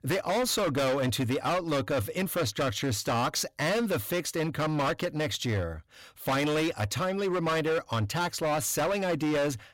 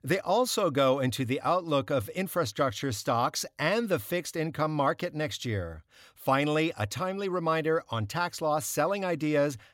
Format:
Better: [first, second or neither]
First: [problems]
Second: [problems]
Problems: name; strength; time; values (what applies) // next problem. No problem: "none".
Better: second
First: distortion; heavy; 23% of the sound clipped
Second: none